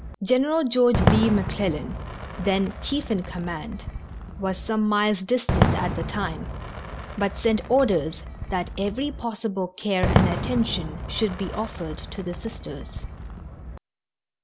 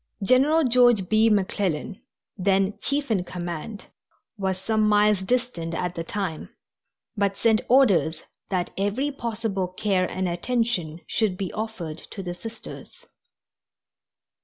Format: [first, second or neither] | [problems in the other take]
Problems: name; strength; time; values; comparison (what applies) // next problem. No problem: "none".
second | background sound (Fireworks); 3 dB below the speech